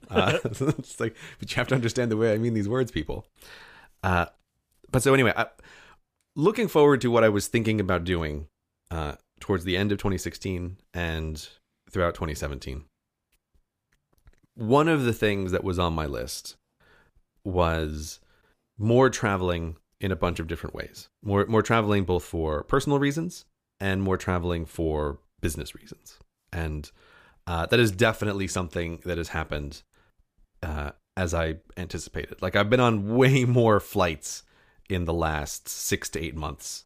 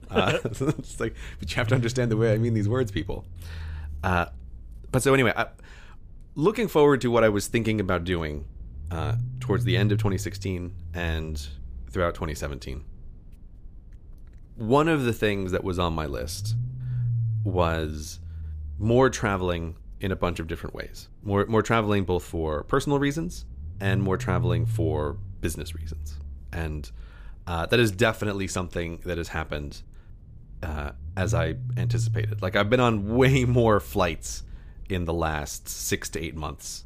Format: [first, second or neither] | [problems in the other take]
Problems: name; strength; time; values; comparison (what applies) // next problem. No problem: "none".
first | low rumble; noticeable; throughout; 20 dB below the speech